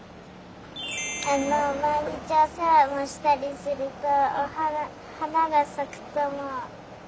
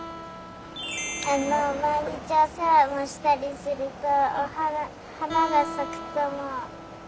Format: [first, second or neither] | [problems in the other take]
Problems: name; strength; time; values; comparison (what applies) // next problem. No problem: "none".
first | background sound (Guitar); 14 dB below the speech